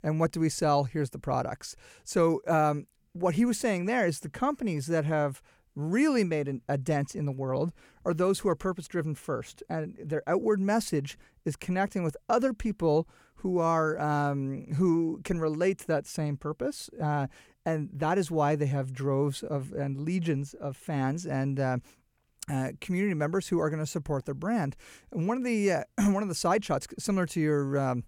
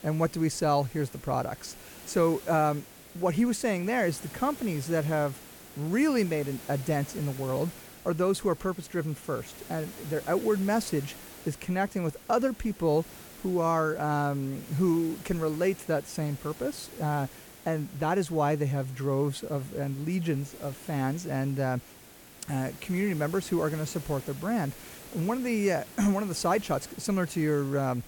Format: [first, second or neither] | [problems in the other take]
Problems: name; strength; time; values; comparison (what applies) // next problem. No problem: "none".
first | hiss; noticeable; throughout; 15 dB below the speech